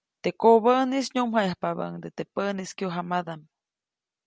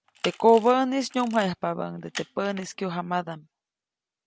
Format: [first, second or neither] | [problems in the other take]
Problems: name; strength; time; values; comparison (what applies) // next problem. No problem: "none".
first | background sound (Camera); 16 dB below the speech